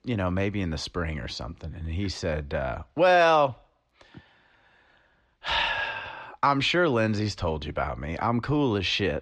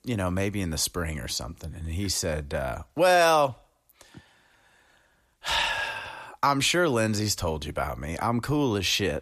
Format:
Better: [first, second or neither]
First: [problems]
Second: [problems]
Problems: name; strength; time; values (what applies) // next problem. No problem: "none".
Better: second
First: muffled; slightly; fading above 4 kHz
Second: none